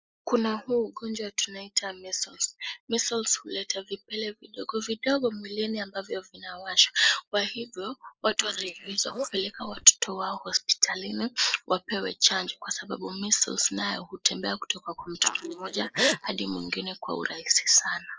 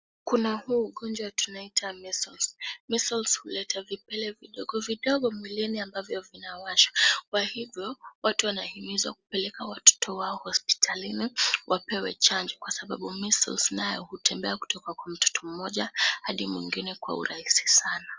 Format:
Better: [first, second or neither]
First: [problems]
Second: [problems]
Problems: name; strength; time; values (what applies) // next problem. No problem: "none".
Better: second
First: noise reduction (neural mask model Resemble Enhance denoiser)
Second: none